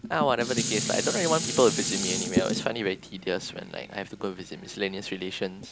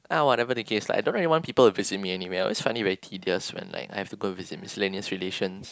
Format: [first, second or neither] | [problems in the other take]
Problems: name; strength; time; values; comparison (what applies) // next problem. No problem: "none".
second | background sound (Dishes, pots, and pans); 4 dB below the speech